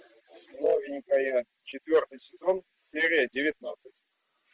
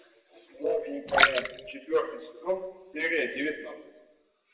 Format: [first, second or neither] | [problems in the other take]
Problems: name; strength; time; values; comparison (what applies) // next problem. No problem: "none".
first | background sound (Splash, splatter); 3 dB above the speech // room echo; dies away in 1 s